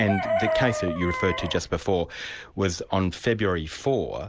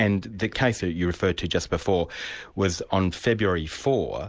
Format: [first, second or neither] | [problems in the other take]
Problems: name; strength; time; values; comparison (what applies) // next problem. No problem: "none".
second | background sound (Chicken, rooster); 6 dB below the speech